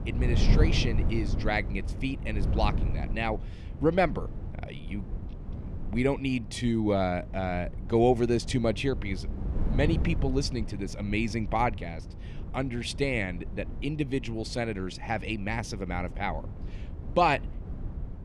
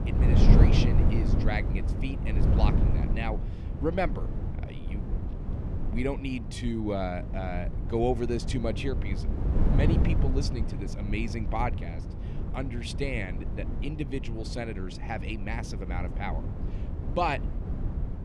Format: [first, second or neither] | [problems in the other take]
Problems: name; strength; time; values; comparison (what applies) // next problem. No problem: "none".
first | wind noise on the microphone; heavy; 6 dB below the speech; occasional gusts in the first